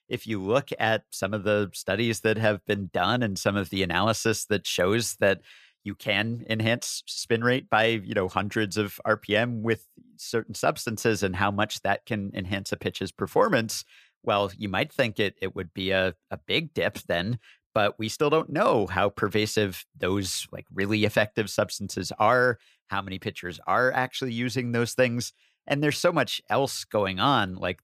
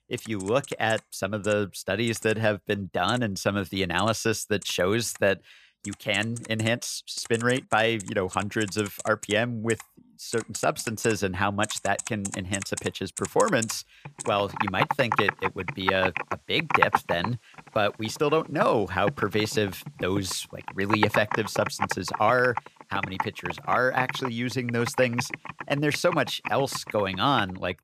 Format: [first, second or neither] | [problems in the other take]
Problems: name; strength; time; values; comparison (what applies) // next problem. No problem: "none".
first | household noises; loud; throughout; 6 dB below the speech